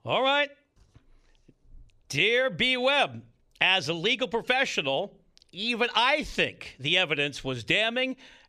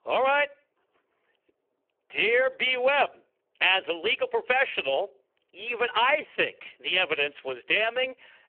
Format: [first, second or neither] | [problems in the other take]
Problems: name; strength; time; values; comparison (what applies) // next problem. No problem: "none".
first | phone-call audio; poor line